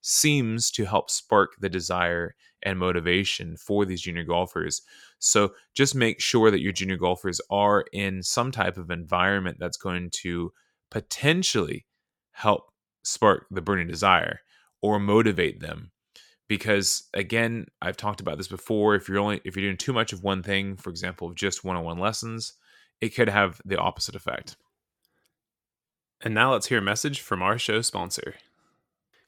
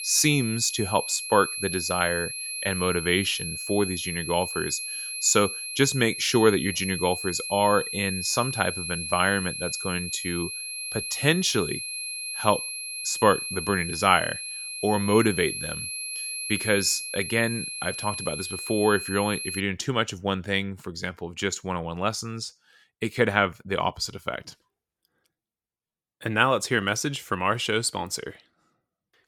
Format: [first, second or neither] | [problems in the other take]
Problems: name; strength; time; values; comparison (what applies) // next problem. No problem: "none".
first | high-pitched whine; loud; until 20 s; 11 kHz, 5 dB below the speech